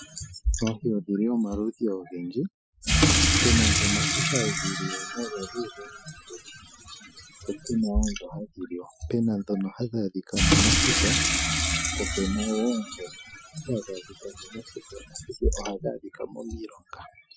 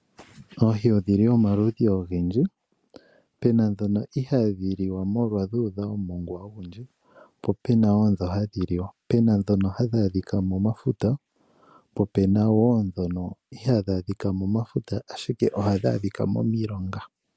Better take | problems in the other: second | noise reduction (classical method Wiener filter)

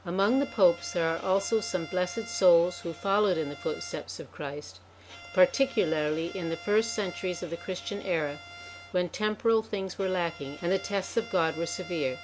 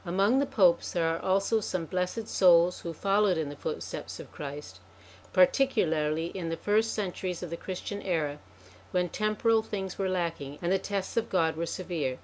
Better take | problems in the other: second | background sound (Bowed string instrument); 18 dB below the speech

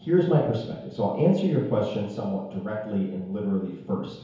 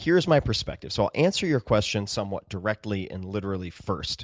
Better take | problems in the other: second | room echo; dies away in 1 s

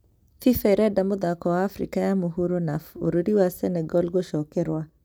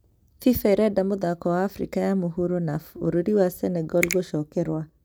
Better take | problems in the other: first | background sound (Finger snapping); 11 dB below the speech

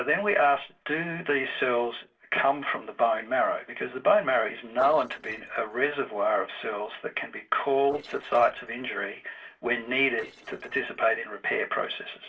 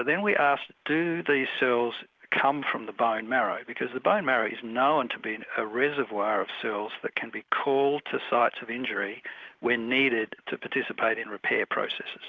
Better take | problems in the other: second | noise reduction (neural separator model SepFormer DNS4)

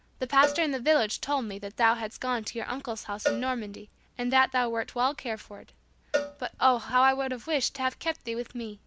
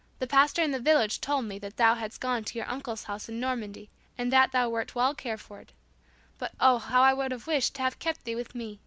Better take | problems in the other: second | background sound (Cowbell); 10 dB below the speech

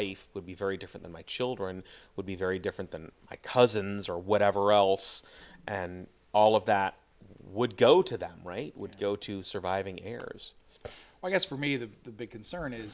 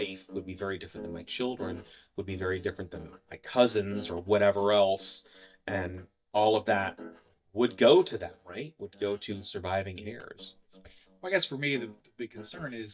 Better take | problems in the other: first | noise reduction (neural mask model DeepFilterNet 3)

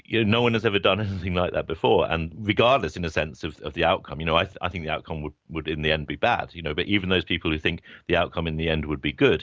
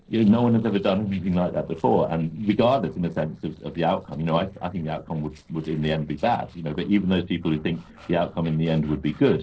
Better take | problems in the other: first | noise reduction (neural separator model SepFormer DNS4)

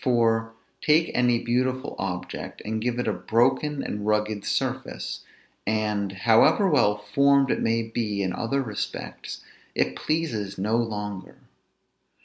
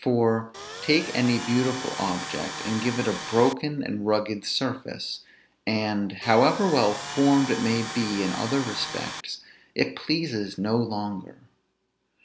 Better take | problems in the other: first | background sound (Tools); 9 dB below the speech

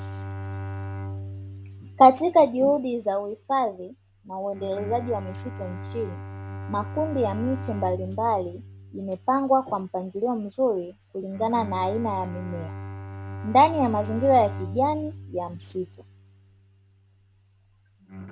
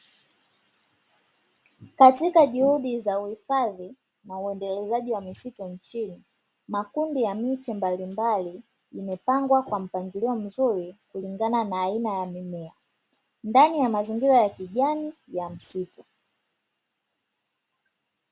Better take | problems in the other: second | background sound (Bowed string instrument); 11 dB below the speech

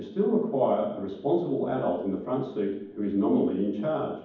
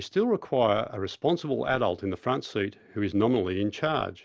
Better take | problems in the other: second | room echo; dies away in 1.2 s

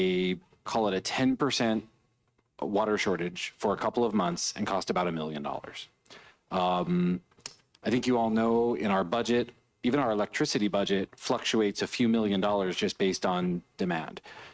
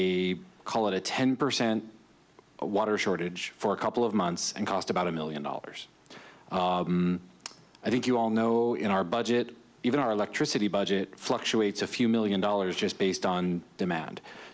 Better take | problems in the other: second | noise reduction (neural mask model RNNoise)

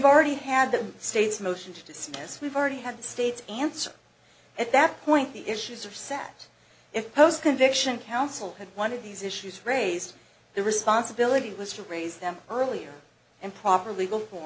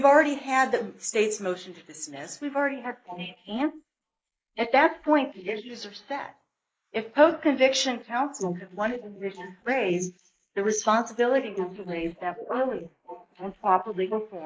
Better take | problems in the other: first | noise reduction (neural mask model Resemble Enhance denoiser)

